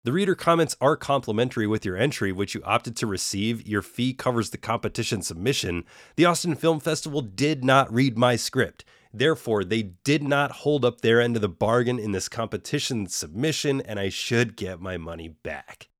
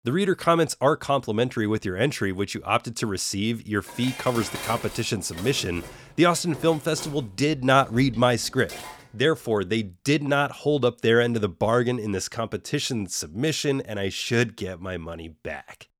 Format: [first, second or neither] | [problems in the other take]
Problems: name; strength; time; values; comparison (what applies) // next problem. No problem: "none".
first | clattering dishes; noticeable; from 4 to 9 s; peak 8 dB below the speech